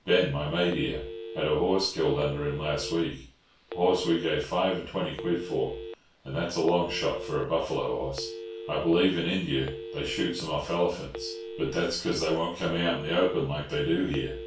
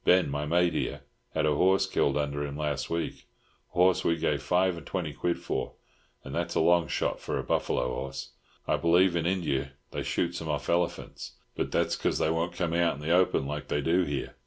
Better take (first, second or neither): second